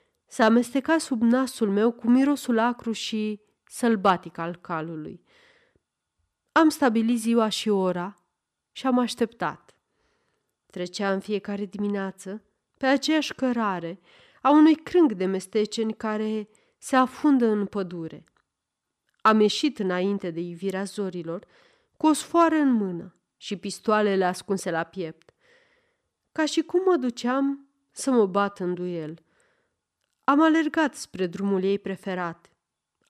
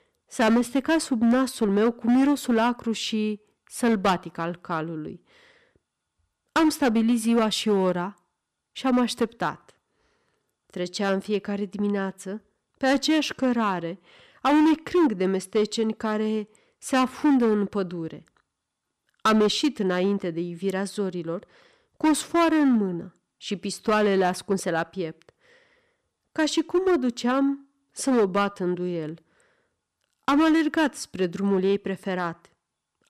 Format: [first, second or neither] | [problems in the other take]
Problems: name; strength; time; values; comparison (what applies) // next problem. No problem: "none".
first | distortion; slight; 6% of the sound clipped